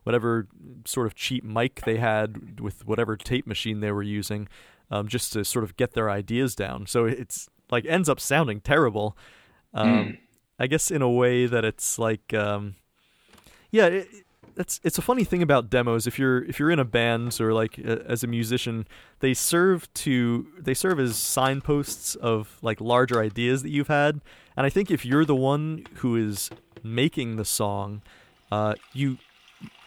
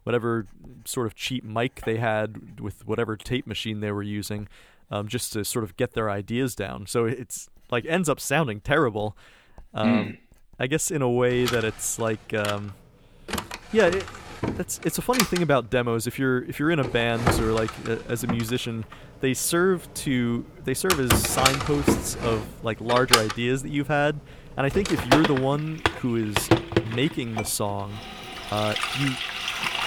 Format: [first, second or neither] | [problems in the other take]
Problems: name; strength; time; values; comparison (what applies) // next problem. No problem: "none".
first | household noises; loud; throughout; 1 dB below the speech; faint in the first